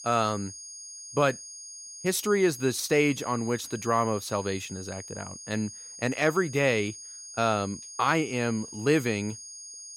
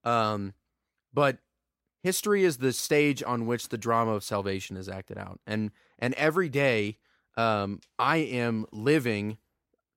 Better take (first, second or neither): second